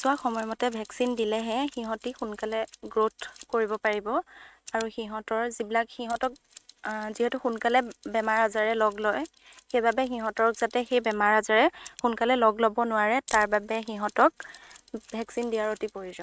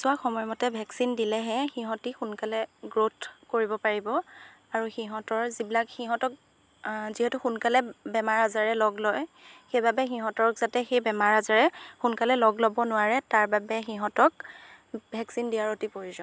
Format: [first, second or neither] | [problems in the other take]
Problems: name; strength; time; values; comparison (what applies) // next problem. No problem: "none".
second | noise reduction (neural mask model RNNoise)